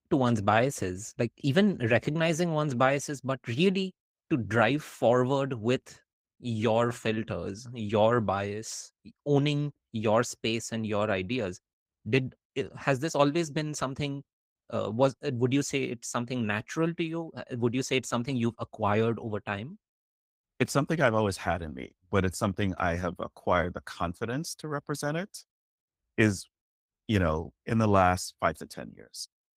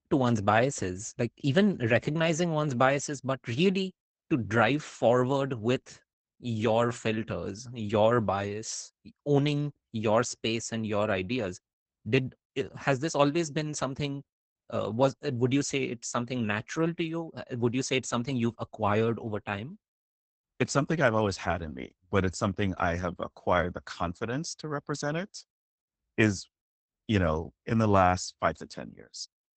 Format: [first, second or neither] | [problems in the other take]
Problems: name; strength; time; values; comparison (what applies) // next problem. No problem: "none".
first | garbled, watery; badly; nothing above 8 kHz; slightly in the first